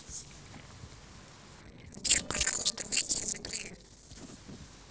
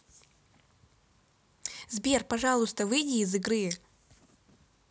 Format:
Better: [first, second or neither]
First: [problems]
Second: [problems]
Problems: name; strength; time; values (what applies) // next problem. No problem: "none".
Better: second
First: noise reduction (neural separator model SepFormer DNS4)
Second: none